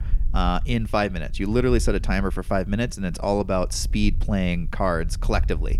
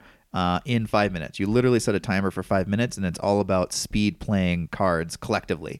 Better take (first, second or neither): second